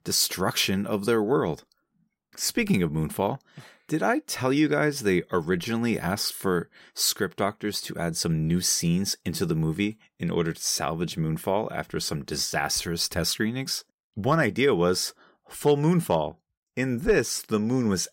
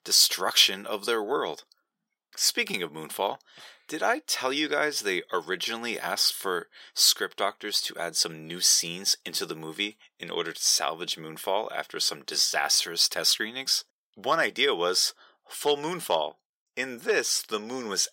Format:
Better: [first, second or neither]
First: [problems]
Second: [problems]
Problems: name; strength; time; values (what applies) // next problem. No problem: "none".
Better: first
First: none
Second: thin; very; fading below 550 Hz